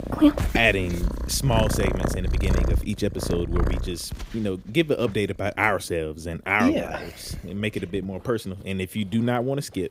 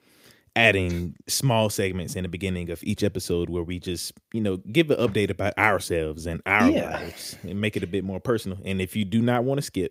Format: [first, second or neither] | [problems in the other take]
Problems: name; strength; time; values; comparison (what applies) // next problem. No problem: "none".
second | animal sounds; loud; throughout; 1 dB below the speech